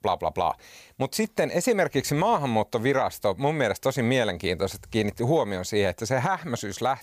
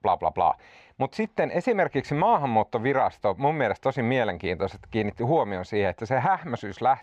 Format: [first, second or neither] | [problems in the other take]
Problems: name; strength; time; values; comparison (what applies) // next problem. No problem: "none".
first | muffled; very; fading above 2.5 kHz